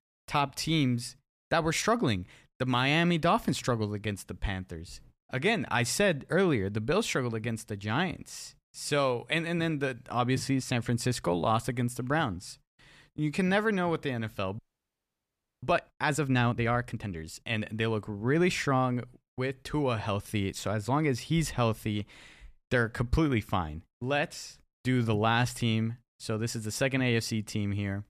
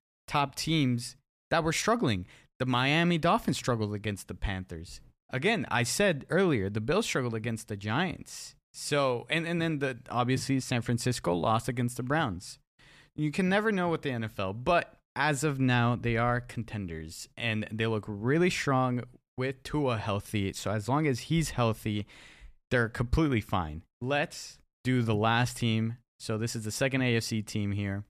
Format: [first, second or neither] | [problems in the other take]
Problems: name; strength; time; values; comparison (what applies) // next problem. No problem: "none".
second | audio freezing; at 15 s for 1 s